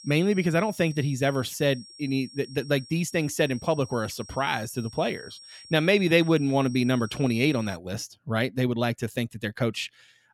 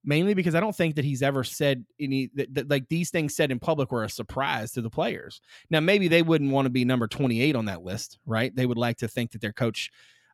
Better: second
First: high-pitched whine; noticeable; until 8 s; 5.5 kHz, 20 dB below the speech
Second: none

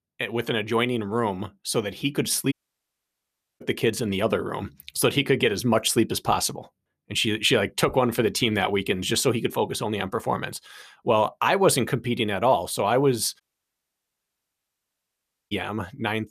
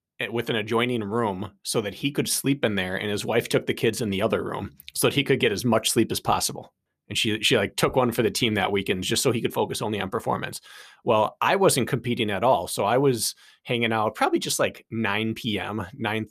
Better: second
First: audio cutting out; at 2.5 s for 1 s and at 13 s for 2 s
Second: none

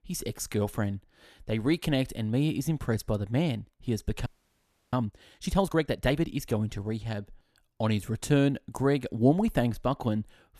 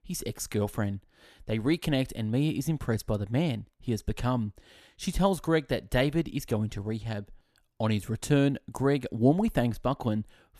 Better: second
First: audio freezing; at 4.5 s for 0.5 s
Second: none

